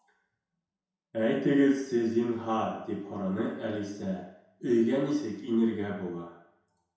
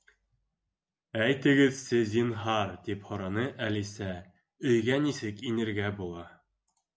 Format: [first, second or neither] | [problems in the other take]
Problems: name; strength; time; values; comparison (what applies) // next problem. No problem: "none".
second | room echo; dies away in 0.7 s